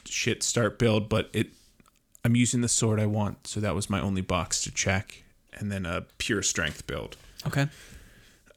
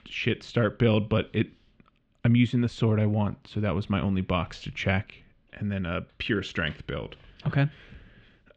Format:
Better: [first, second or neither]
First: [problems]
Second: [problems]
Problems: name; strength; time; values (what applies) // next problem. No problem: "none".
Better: first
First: none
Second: muffled; very; fading above 3 kHz